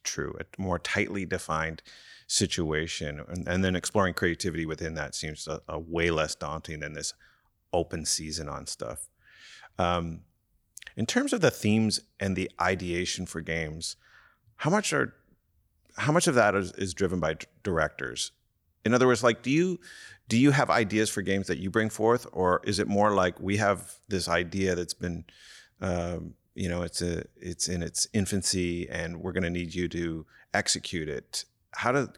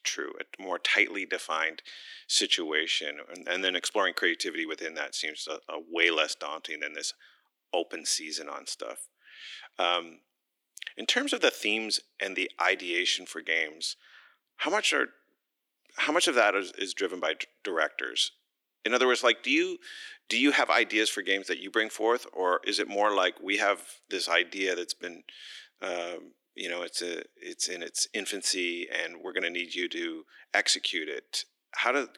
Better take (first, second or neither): first